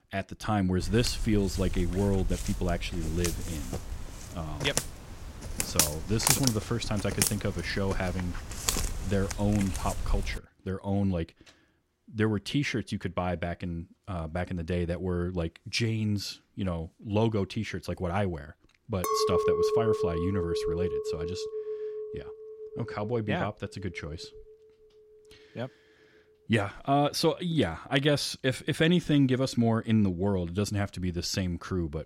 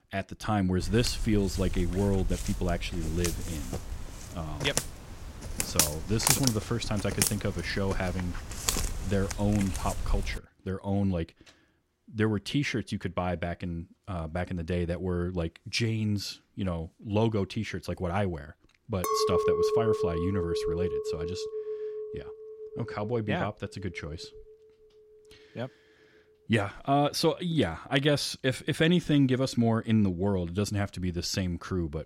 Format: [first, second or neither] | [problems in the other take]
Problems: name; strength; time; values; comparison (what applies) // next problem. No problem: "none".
neither | footsteps; loud; from 1 to 10 s; peak 6 dB above the speech; the same in both // clattering dishes; loud; from 19 to 23 s; peak 5 dB above the speech; the same in both